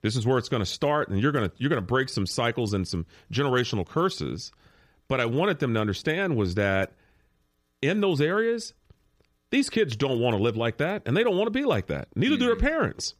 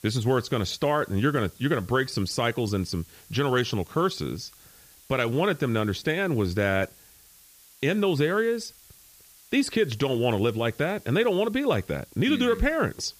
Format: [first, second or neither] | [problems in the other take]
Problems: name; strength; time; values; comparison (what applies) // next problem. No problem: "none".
first | hiss; faint; throughout; 25 dB below the speech